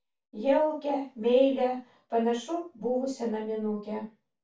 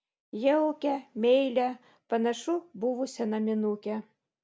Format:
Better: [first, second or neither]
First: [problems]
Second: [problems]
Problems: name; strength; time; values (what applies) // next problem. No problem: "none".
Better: second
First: room echo; dies away in 0.2 s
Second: none